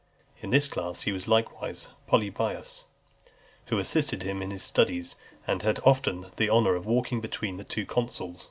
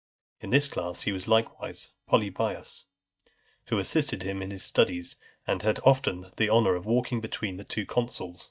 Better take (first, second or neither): first